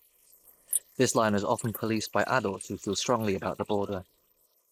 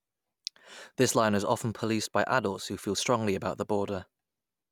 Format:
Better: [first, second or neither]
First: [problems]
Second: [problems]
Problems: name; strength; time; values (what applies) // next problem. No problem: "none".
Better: second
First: noise reduction (neural mask model Resemble Enhance denoiser)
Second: none